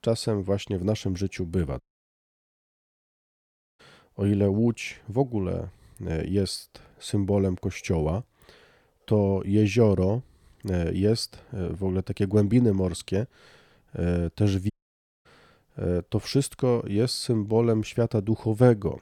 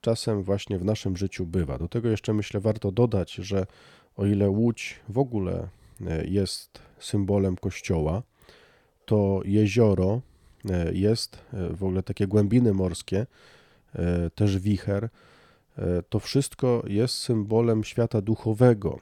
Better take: second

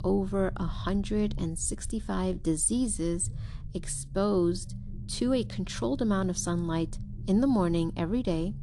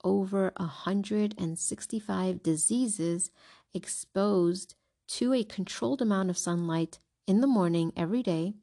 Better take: second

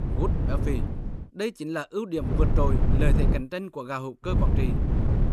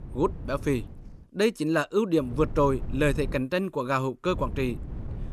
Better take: second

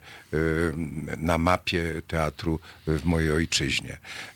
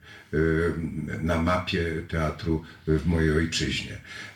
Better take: first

